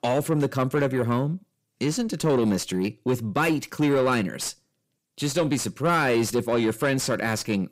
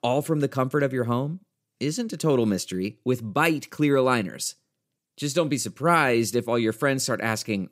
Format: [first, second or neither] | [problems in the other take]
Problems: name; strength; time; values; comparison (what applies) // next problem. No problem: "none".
second | distortion; slight; 10 dB below the speech